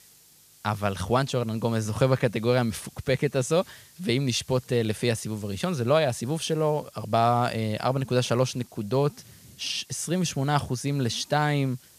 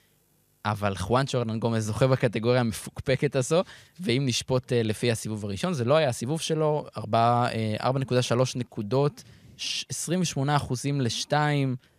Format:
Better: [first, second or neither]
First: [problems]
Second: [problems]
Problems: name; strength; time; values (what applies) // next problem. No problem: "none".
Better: second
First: hiss; faint; throughout; 25 dB below the speech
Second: none